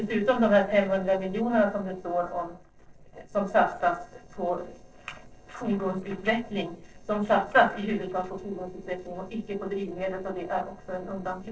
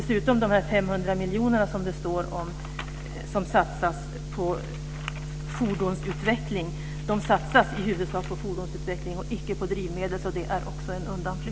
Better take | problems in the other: second | noise reduction (neural separator model SepFormer DNS4)

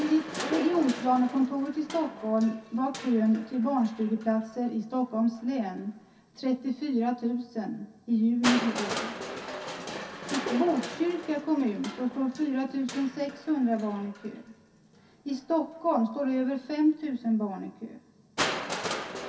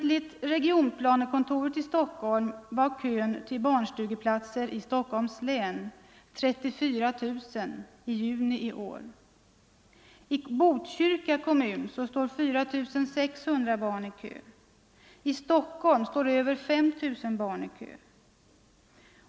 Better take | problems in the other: second | background sound (Crushing); 10 dB below the speech // room echo; dies away in 0.3 s

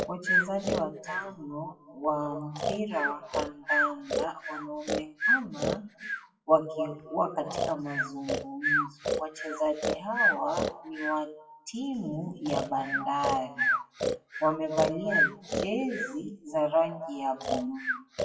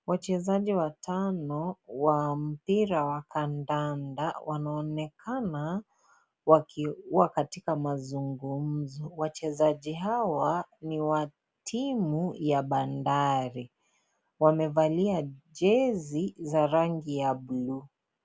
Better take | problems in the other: second | noise reduction (classical method WPE with log-MMSE)

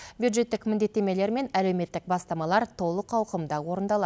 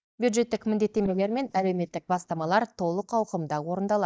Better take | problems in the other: first | noise reduction (neural mask model DeepFilterNet 3)

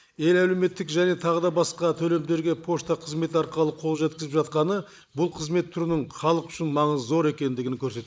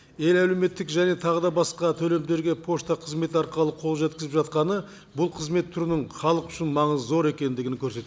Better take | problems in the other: second | noise reduction (neural mask model Resemble Enhance denoiser)

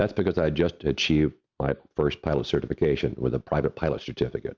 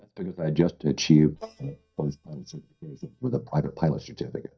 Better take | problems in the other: first | noise reduction (neural mask model DeepFilterNet 3)

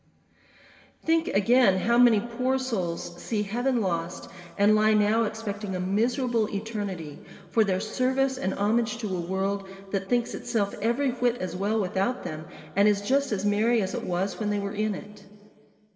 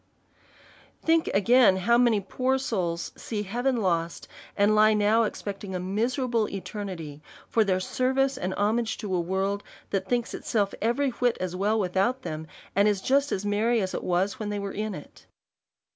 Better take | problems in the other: second | room echo; dies away in 2.1 s

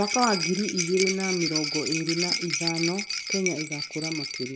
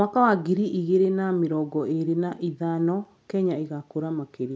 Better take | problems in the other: second | background sound (Rattle); 2 dB below the speech

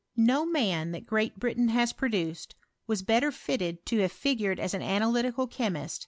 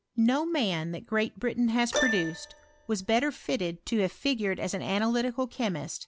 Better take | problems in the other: first | background sound (Keyboard (musical)); 9 dB below the speech

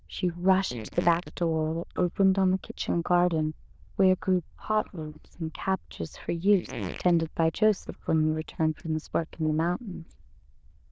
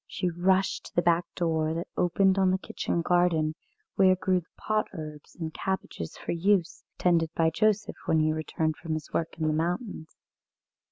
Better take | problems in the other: second | noise reduction (neural diffusion model UNIVERSE++)

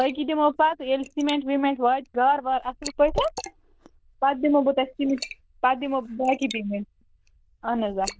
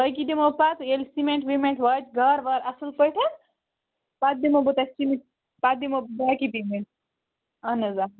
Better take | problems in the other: second | noise reduction (neural diffusion model UNIVERSE++)

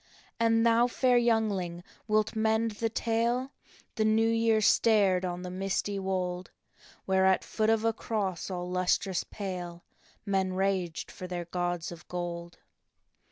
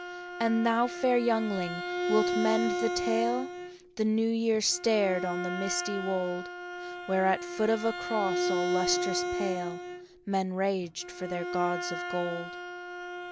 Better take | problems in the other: first | background sound (Bowed string instrument); 4 dB below the speech

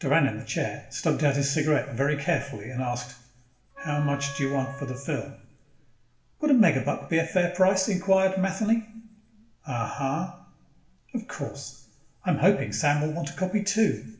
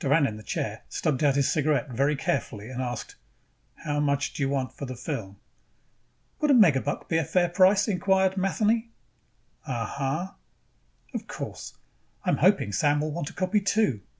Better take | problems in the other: second | background sound (Wind instrument, woodwind instrument); 16 dB below the speech // room echo; dies away in 0.7 s

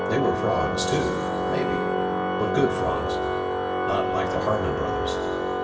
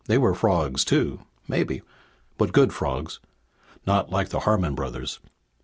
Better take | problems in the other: second | background sound (Organ); 3 dB above the speech // room echo; dies away in 2.6 s

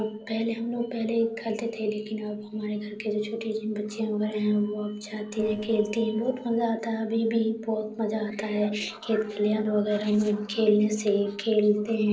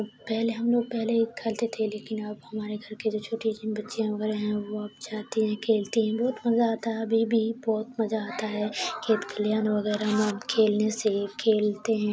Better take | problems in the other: second | noise reduction (neural separator model SepFormer DNS4)

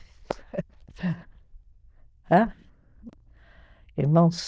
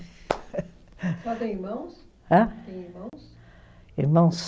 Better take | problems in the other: second | noise reduction (neural diffusion model UNIVERSE++)

